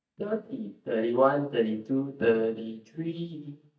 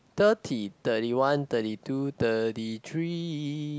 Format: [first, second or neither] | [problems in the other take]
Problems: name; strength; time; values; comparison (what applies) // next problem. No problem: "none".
second | noise reduction (neural mask model DeepFilterNet 3)